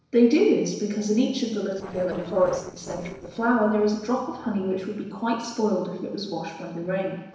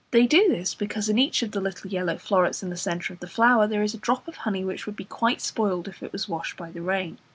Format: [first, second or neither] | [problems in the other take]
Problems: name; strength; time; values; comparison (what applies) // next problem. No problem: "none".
second | noise reduction (neural separator model SepFormer DNS4)